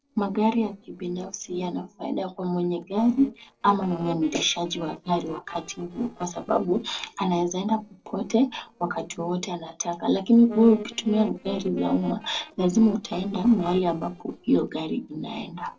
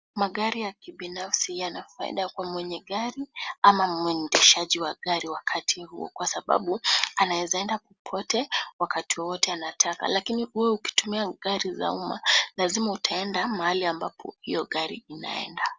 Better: second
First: noise reduction (neural separator model SepFormer DNS4)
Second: none

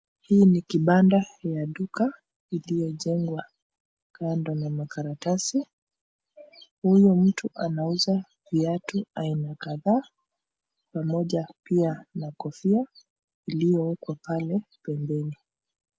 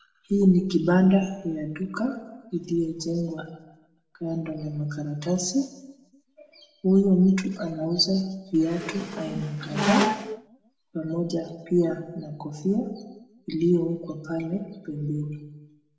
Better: first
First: none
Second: background sound (Squeak); 2 dB below the speech // room echo; dies away in 0.8 s

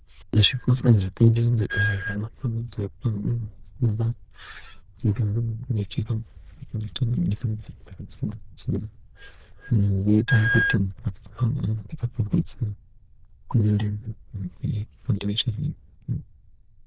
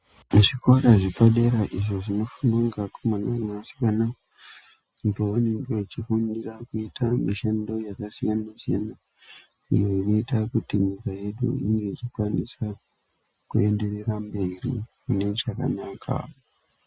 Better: second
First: noise reduction (neural diffusion model UNIVERSE++)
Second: none

